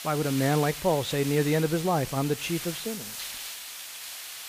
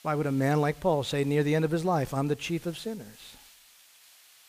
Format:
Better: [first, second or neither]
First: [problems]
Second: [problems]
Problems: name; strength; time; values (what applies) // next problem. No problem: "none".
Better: second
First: hiss; loud; throughout; 9 dB below the speech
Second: hiss; faint; throughout; 25 dB below the speech